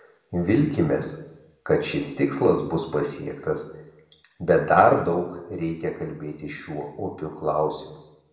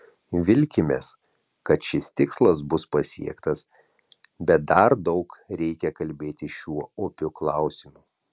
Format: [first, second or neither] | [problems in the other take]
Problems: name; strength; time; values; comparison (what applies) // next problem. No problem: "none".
second | room echo; dies away in 0.8 s